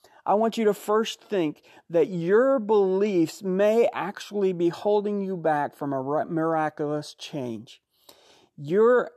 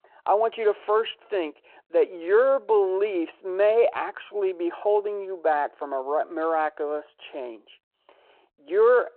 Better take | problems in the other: first | phone-call audio

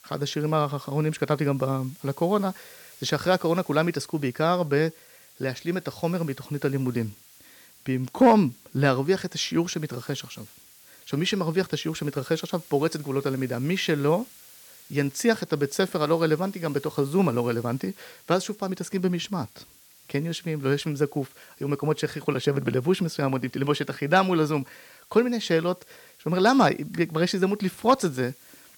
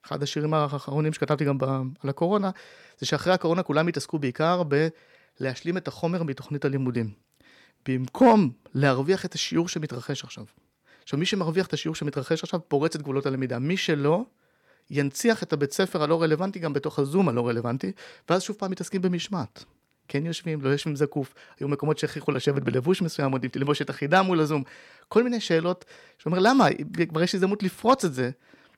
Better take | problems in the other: second | hiss; faint; throughout; 25 dB below the speech

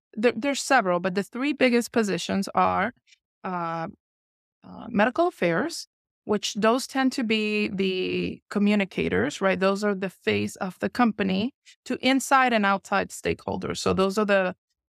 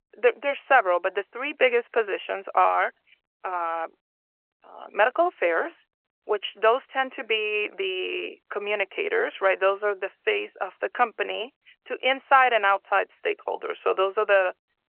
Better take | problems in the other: first | phone-call audio; nothing above 3 kHz

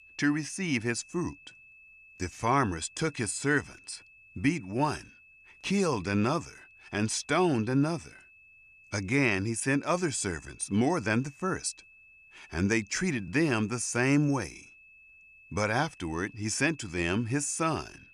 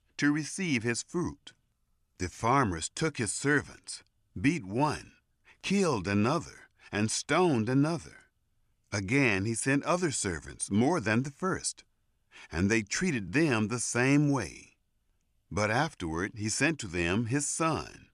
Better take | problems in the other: second | high-pitched whine; faint; throughout; 2.5 kHz, 25 dB below the speech

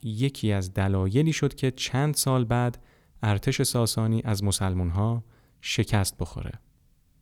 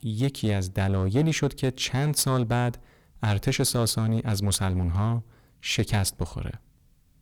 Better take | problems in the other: first | distortion; slight; 6% of the sound clipped

